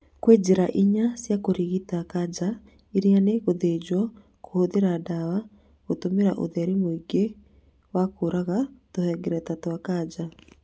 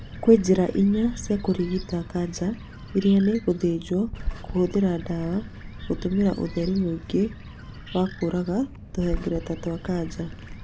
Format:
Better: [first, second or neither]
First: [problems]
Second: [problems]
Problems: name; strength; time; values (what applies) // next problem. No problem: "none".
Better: first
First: none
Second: background sound (Bird); 11 dB below the speech